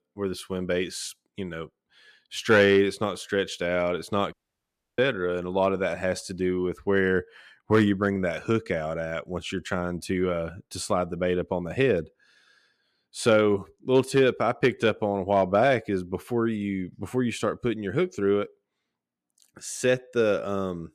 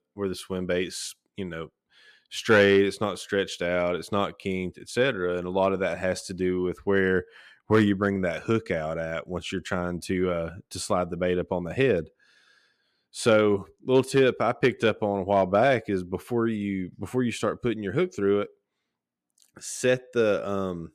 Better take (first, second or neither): second